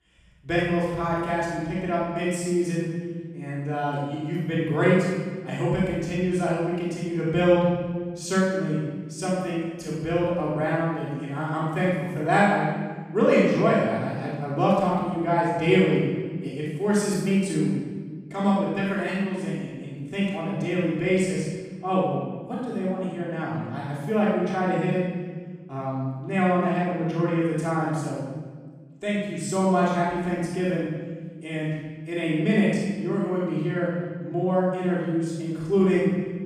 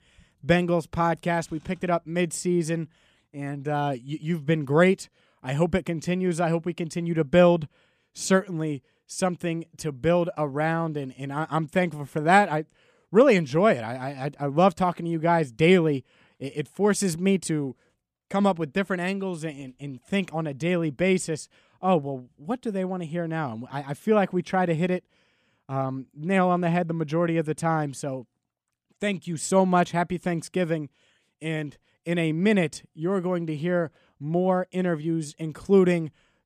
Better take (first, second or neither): second